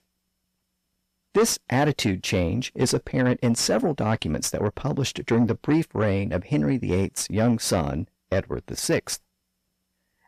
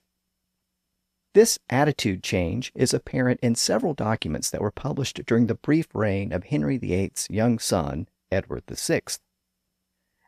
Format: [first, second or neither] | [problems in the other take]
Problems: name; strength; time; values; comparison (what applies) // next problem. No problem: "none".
second | distortion; slight; 10 dB below the speech